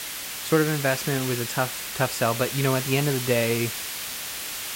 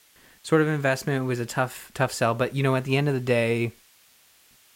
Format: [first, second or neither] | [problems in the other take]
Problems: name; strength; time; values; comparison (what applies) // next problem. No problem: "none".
second | hiss; loud; throughout; 5 dB below the speech; faint in the second